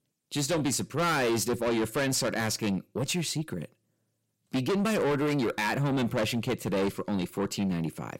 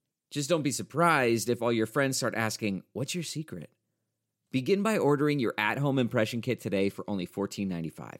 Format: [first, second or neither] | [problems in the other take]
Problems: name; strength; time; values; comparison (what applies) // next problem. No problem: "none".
second | distortion; heavy; 6 dB below the speech